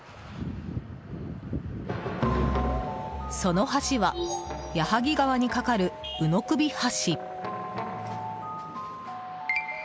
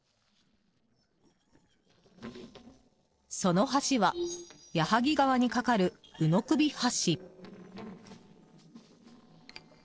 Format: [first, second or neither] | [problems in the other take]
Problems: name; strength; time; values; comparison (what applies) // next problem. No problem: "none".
first | noise reduction (neural separator model SepFormer DNS4)